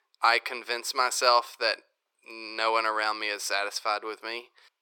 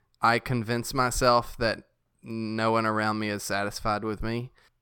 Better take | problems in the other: second | thin; very; fading below 400 Hz

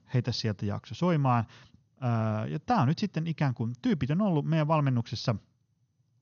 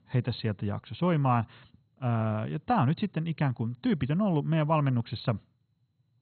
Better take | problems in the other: first | garbled, watery; badly; nothing above 4 kHz; slightly in the first

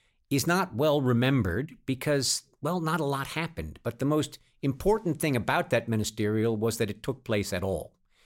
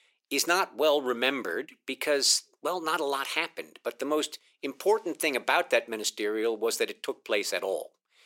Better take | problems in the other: first | thin; somewhat; fading below 350 Hz

